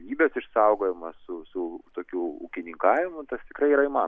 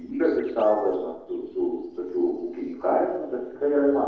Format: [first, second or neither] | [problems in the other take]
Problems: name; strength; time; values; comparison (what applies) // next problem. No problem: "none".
first | noise reduction (neural separator model SepFormer DNS4)